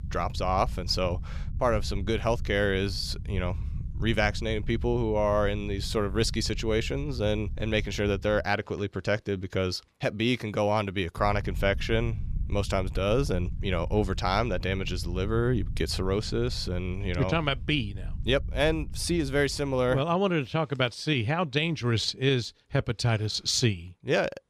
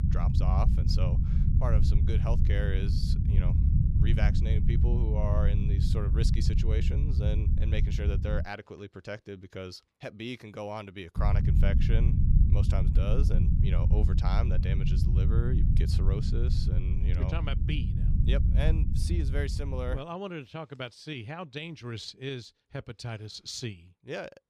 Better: first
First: low rumble; faint; until 8.5 s and from 11 to 20 s; 25 dB below the speech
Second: low rumble; loud; until 8.5 s and from 11 to 20 s; 3 dB below the speech

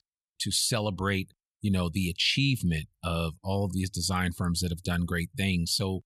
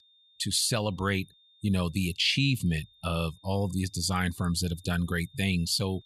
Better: first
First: none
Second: high-pitched whine; faint; throughout; 3.5 kHz, 30 dB below the speech

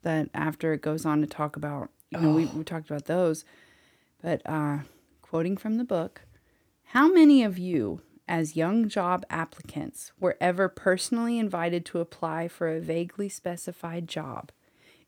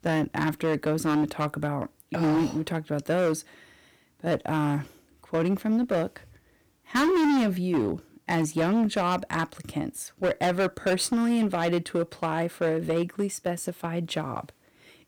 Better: first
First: none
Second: distortion; heavy; 12% of the sound clipped

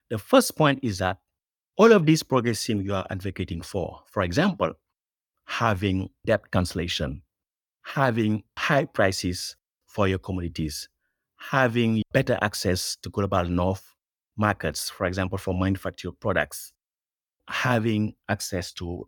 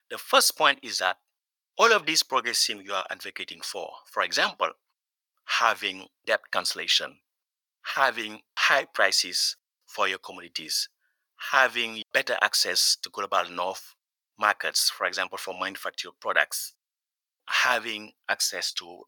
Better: first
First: none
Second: thin; very; fading below 900 Hz

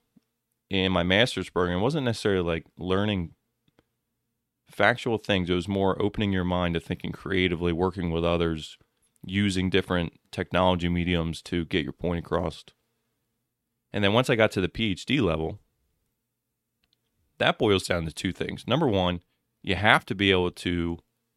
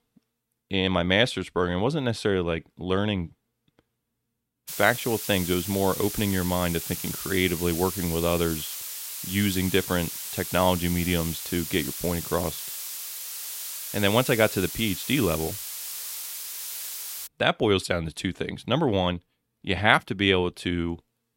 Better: first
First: none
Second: hiss; loud; from 4.5 to 17 s; 7 dB below the speech

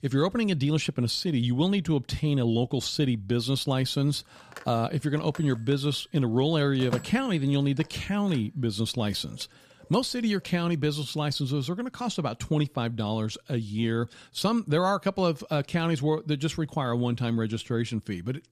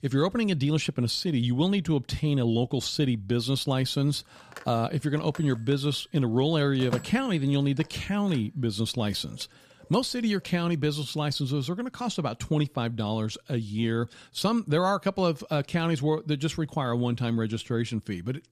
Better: neither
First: phone ringing; noticeable; from 4.5 to 8.5 s; peak 7 dB below the speech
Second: phone ringing; noticeable; from 4.5 to 8.5 s; peak 7 dB below the speech

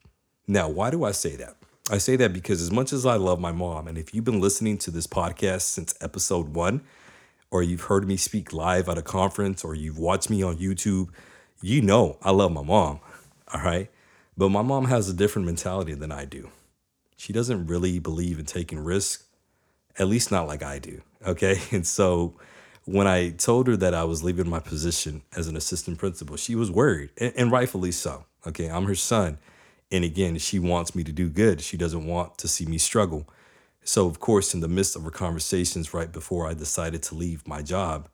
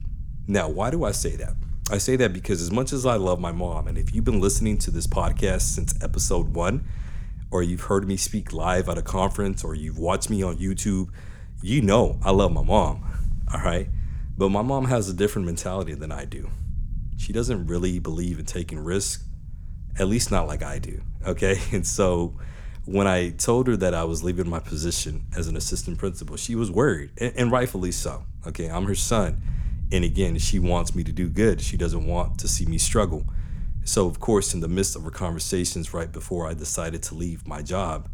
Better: first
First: none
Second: low rumble; faint; throughout; 25 dB below the speech

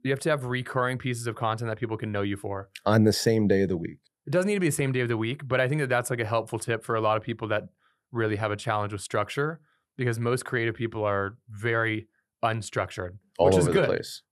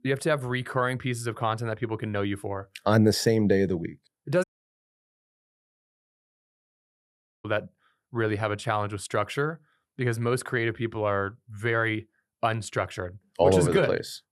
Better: first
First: none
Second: audio cutting out; at 4.5 s for 3 s

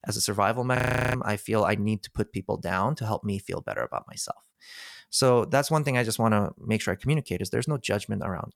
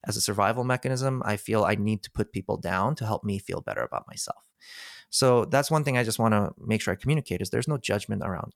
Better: second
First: audio freezing; at 1 s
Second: none

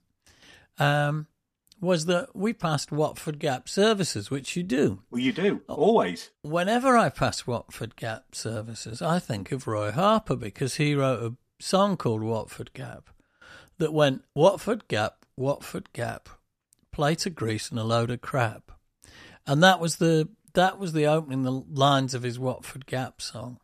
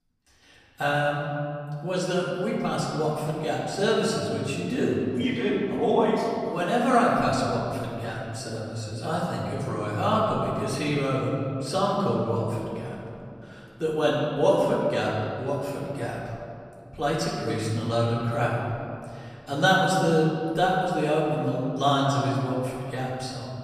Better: first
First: none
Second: off-mic speech; far // room echo; noticeable; dies away in 2.3 s

